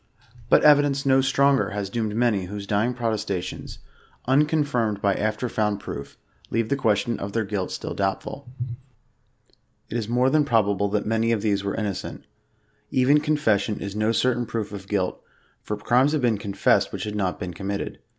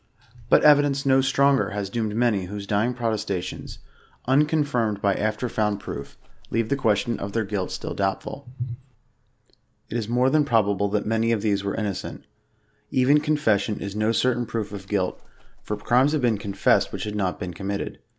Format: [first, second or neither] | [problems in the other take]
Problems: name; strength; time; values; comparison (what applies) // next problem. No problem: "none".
first | background sound (Livestock, farm animals, working animals); 17 dB below the speech